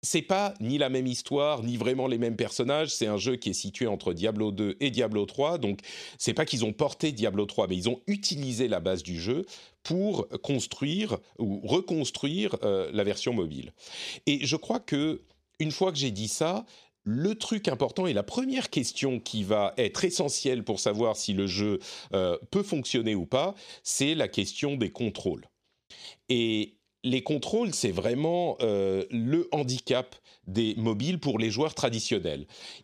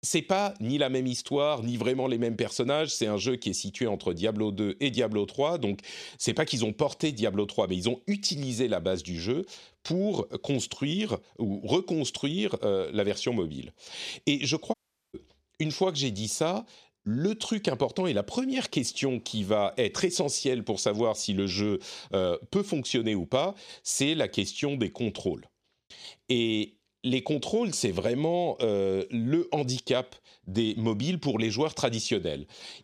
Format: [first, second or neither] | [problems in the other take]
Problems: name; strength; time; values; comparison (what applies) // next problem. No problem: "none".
first | audio cutting out; at 15 s